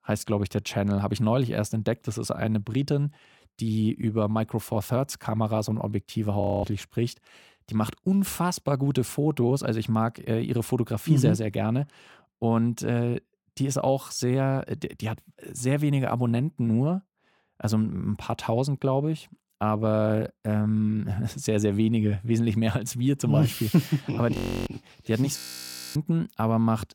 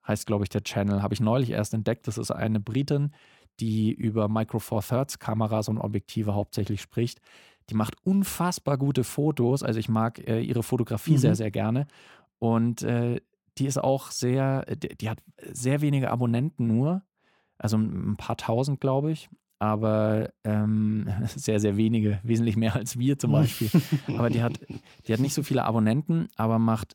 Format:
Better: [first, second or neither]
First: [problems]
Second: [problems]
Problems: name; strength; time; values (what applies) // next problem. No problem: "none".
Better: second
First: audio freezing; at 6.5 s, at 24 s and at 25 s for 0.5 s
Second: none